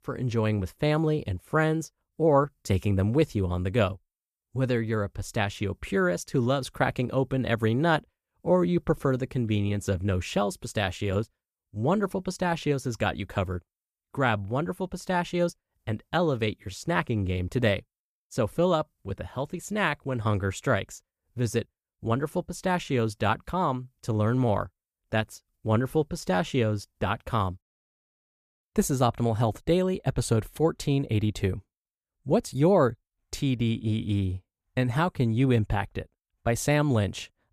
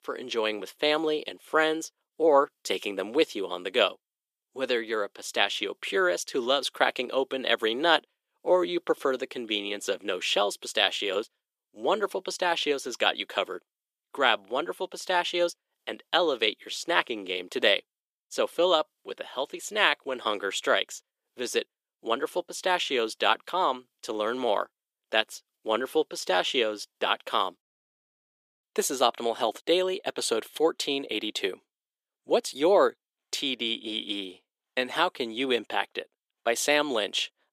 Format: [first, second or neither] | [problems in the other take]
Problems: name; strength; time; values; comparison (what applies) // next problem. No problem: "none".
first | thin; very; fading below 350 Hz